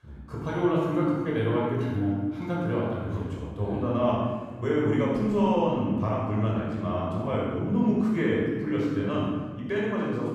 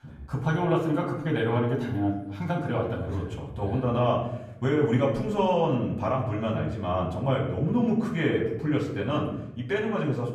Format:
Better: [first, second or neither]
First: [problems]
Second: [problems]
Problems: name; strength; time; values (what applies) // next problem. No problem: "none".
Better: second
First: room echo; strong; dies away in 1.4 s // off-mic speech; far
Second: room echo; slight; dies away in 0.8 s // off-mic speech; far